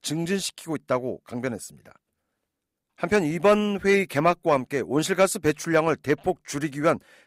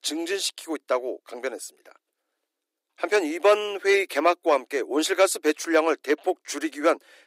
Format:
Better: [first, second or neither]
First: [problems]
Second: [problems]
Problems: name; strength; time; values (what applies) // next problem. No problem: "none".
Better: first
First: none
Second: thin; somewhat; fading below 300 Hz